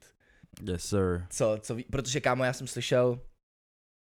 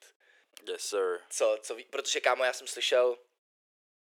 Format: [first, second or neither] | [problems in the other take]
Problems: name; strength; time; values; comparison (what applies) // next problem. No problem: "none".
first | thin; very; fading below 400 Hz